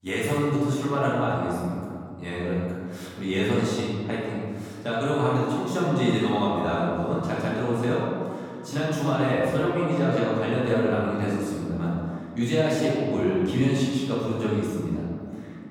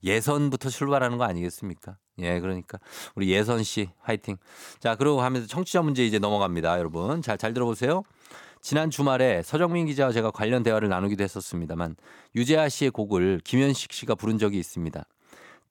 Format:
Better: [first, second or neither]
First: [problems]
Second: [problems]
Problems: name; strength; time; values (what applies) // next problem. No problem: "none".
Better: second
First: room echo; strong; dies away in 2.2 s // off-mic speech; far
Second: none